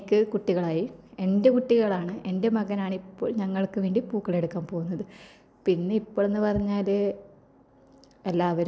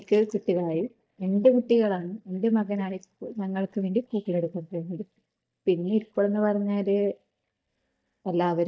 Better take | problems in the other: first | noise reduction (neural mask model DeepFilterNet 3)

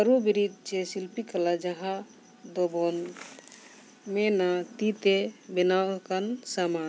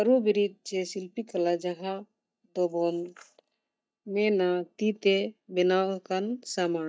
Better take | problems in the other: first | noise reduction (neural mask model DeepFilterNet 3)

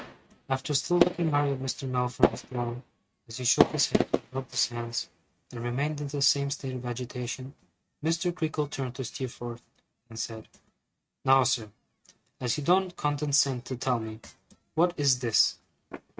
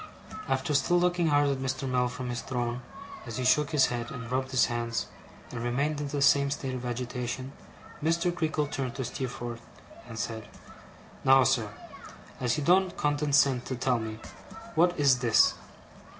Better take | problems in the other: second | noise reduction (neural mask model RNNoise)

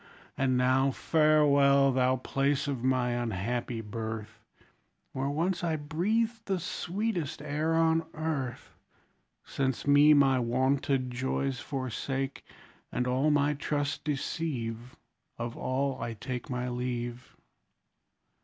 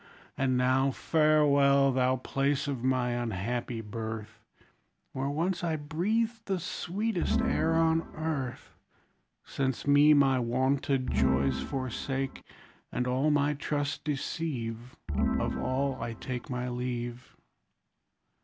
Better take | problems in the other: first | background sound (Organ); 3 dB below the speech

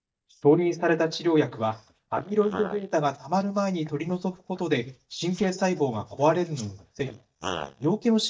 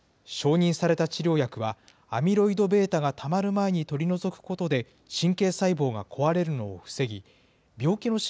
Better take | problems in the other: second | noise reduction (neural mask model DeepFilterNet 3)

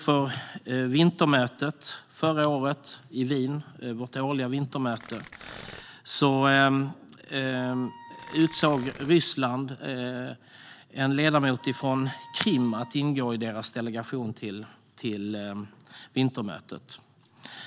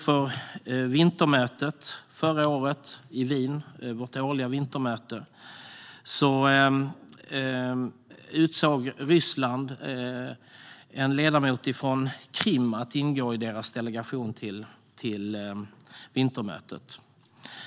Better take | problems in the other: second | background sound (Tearing + Wind instrument, woodwind instrument); 18 dB below the speech

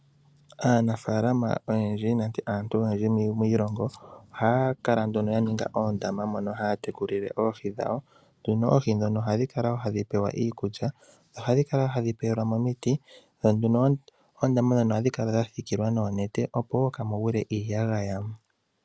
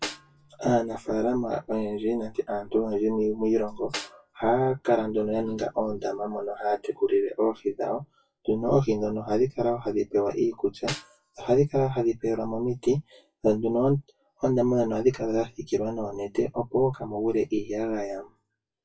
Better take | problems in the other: first | noise reduction (classical method WPE with log-MMSE)

